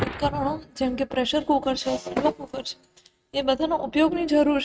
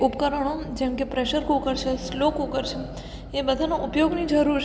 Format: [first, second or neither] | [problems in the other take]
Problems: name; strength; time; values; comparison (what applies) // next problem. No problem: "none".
second | noise reduction (neural mask model RNNoise)